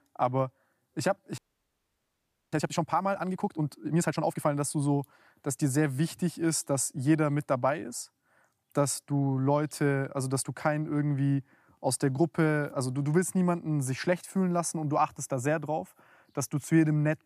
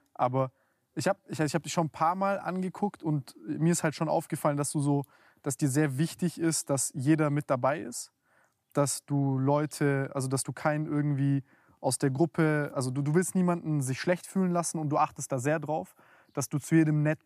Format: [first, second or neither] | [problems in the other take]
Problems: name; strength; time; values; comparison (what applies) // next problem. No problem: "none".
second | audio freezing; at 1.5 s for 1 s